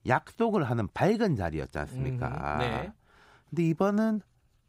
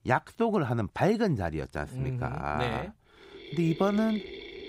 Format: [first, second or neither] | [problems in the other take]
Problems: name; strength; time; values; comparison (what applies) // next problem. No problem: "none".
first | machinery noise; noticeable; from 3.5 s on; 15 dB below the speech